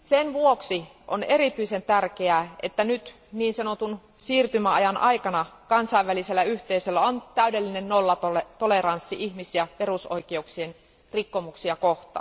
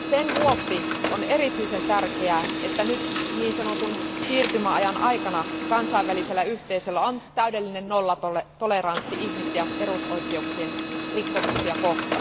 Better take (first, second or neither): first